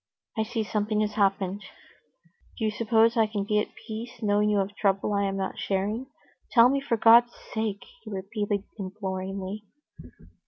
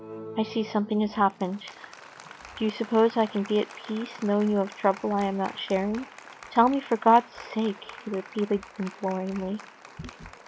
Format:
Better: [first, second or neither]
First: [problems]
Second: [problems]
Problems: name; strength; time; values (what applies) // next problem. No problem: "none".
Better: first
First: none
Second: background sound (Applause); 18 dB below the speech